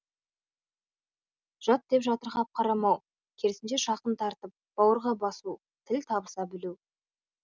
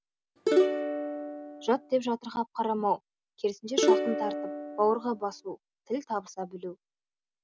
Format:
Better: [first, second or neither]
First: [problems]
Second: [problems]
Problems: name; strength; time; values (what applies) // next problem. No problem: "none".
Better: first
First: none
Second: background sound (Plucked string instrument); 3 dB above the speech